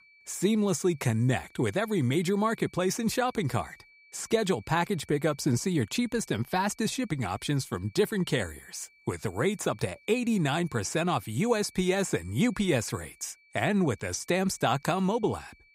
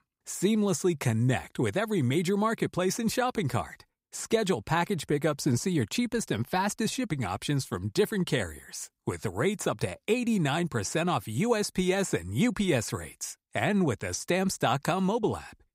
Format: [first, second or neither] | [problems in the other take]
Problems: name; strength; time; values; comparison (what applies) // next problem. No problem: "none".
second | high-pitched whine; faint; throughout; 2.5 kHz, 30 dB below the speech